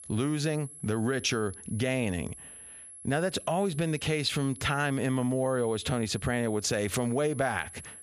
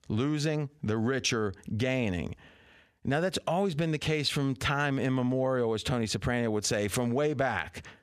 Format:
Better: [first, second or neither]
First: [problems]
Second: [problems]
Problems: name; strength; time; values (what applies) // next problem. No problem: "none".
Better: second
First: high-pitched whine; noticeable; throughout; 11 kHz, 15 dB below the speech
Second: none